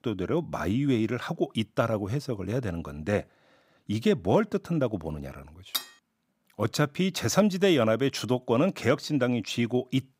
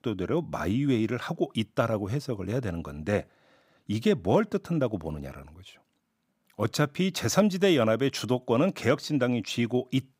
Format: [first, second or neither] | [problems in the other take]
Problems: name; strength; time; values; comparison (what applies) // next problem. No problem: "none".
second | clattering dishes; noticeable; at 5.5 s; peak 5 dB below the speech